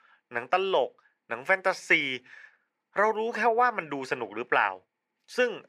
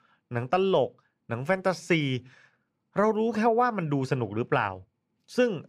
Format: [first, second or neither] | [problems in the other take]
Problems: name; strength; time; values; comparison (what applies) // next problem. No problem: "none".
second | thin; somewhat; fading below 400 Hz